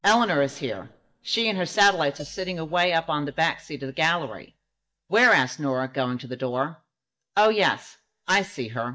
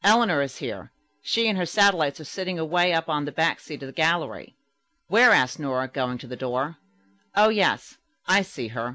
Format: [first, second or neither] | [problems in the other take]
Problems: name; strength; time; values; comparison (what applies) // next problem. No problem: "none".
second | noise reduction (neural mask model DeepFilterNet 3)